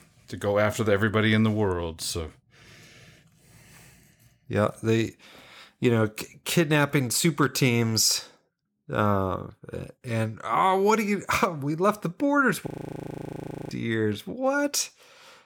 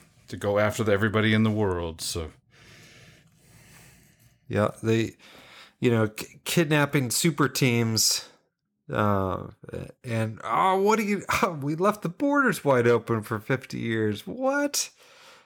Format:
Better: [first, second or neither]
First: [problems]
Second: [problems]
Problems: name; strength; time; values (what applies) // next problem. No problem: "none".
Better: second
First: audio freezing; at 13 s for 1 s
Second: none